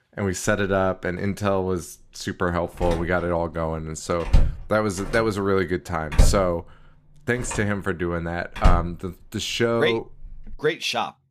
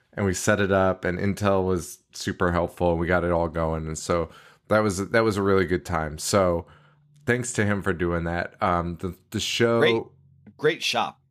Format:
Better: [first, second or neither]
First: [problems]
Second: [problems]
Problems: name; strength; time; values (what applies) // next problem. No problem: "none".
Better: second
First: door banging; loud; from 3 to 9 s; peak 2 dB above the speech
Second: none